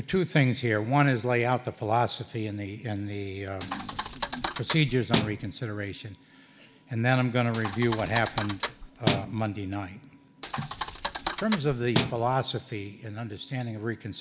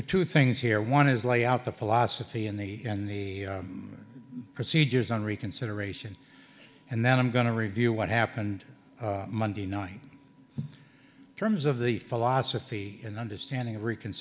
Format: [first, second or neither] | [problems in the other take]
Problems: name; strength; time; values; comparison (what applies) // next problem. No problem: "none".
second | background sound (Thump, thud); 4 dB below the speech